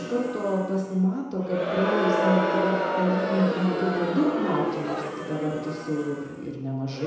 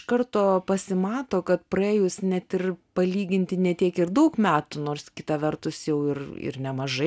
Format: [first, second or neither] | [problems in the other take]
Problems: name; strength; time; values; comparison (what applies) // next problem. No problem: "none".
second | background sound (Crowd); 2 dB below the speech // room echo; dies away in 1 s